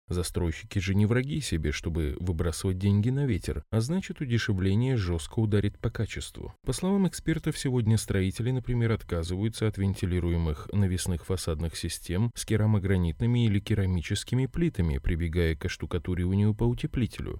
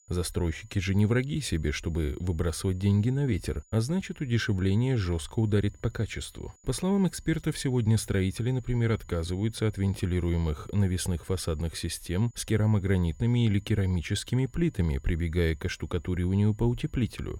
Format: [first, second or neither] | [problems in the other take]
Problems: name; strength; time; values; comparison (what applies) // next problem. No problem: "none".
first | high-pitched whine; faint; throughout; 7 kHz, 30 dB below the speech